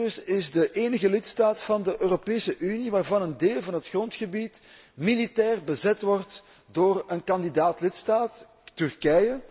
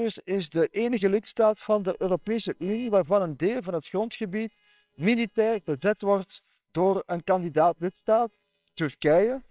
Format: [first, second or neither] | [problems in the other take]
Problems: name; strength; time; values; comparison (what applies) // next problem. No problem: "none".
first | noise reduction (neural separator model SepFormer WHAMR!)